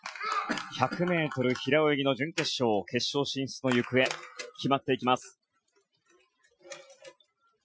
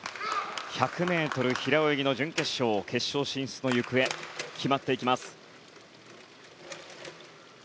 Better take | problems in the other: second | noise reduction (classical method Wiener filter)

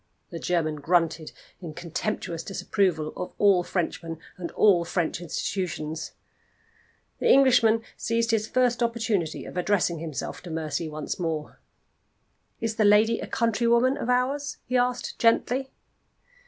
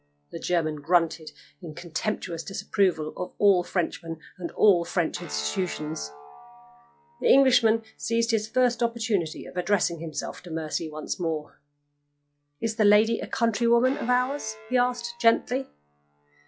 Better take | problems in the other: first | noise reduction (classical method log-MMSE)

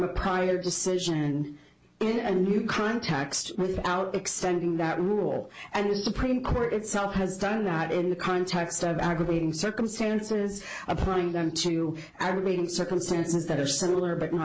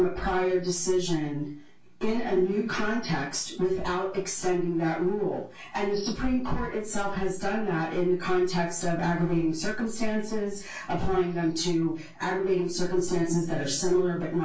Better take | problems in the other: first | room echo; dies away in 0.2 s

